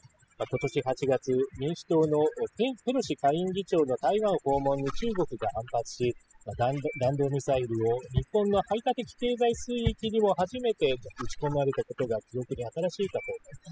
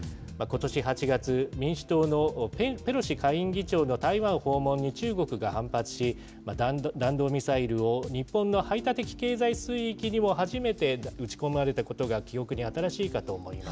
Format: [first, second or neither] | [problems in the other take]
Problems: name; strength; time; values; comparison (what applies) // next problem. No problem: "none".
second | noise reduction (classical method spectral subtraction)